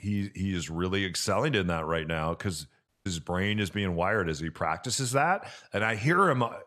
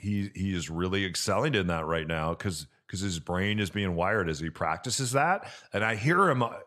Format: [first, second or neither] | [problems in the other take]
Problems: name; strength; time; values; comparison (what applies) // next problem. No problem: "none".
second | audio cutting out; at 3 s